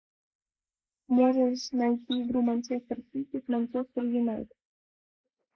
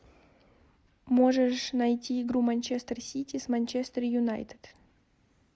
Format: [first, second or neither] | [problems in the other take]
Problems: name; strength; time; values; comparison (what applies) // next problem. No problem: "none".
second | noise reduction (neural mask model Resemble Enhance denoiser)